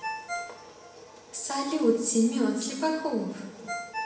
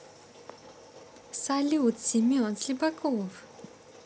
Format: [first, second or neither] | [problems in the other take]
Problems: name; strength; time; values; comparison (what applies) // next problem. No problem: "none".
second | background sound (Ringtone); 11 dB below the speech // room echo; dies away in 0.9 s